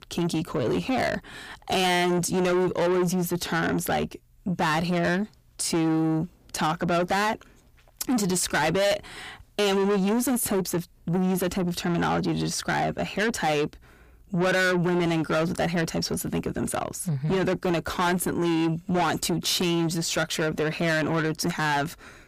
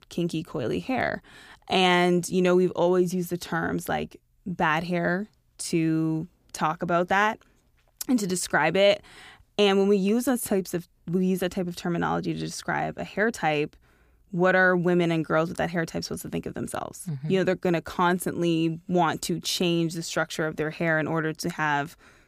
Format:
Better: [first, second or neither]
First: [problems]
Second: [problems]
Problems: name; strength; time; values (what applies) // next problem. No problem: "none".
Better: second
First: distortion; heavy; 6 dB below the speech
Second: none